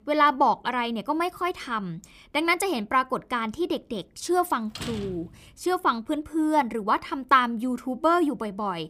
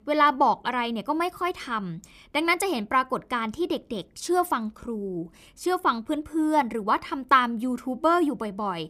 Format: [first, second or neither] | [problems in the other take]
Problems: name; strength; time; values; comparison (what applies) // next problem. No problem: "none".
second | door banging; noticeable; at 4.5 s; peak 10 dB below the speech